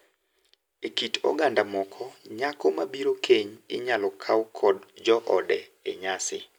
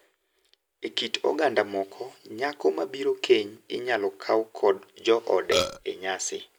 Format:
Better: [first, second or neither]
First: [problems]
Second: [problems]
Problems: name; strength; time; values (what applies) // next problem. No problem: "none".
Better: first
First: none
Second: background sound (Burping, eructation); 1 dB above the speech